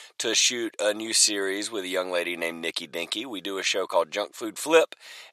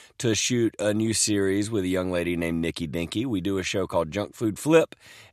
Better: second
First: thin; very; fading below 650 Hz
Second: none

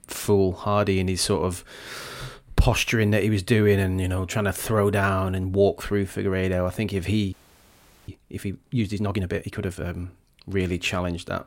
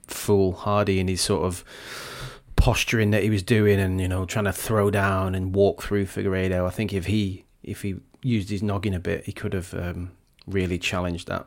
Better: second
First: audio freezing; at 7.5 s for 1 s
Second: none

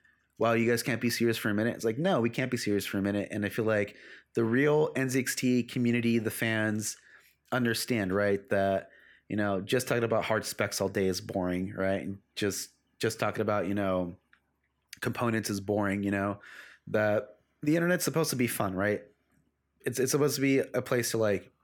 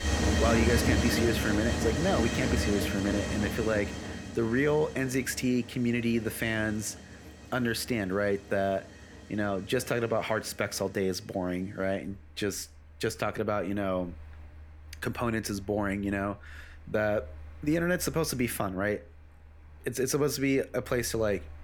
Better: first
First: none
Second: machinery noise; loud; throughout; 1 dB below the speech

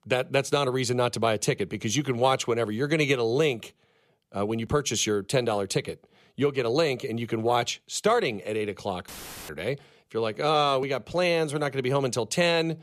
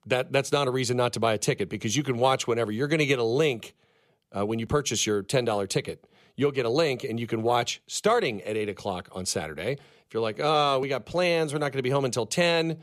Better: second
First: audio cutting out; filled with static; at 9 s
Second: none

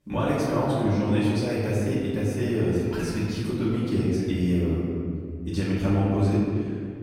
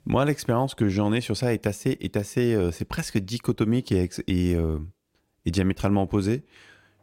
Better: second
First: room echo; strong; dies away in 2.1 s // off-mic speech; far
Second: none

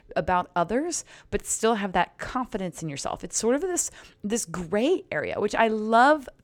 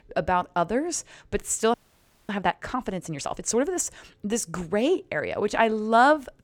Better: first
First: none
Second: audio freezing; at 1.5 s for 0.5 s

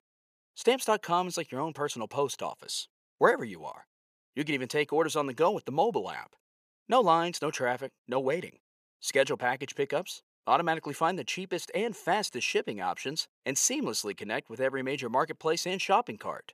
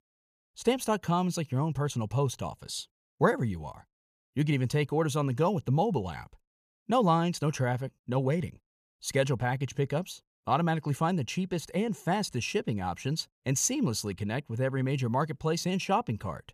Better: second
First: thin; somewhat; fading below 400 Hz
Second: none

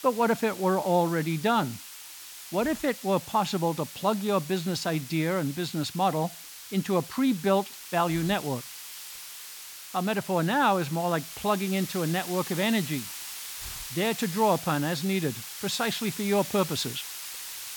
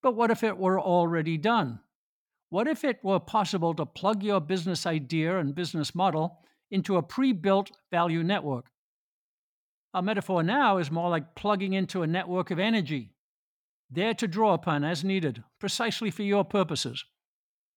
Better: second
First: hiss; noticeable; throughout; 10 dB below the speech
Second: none

